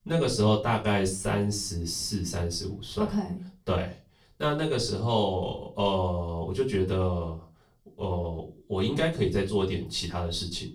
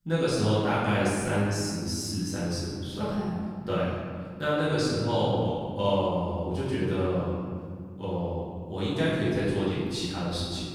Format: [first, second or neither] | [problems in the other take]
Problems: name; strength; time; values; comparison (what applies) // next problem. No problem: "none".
first | room echo; strong; dies away in 1.9 s; slight in the first // off-mic speech; far; far in the first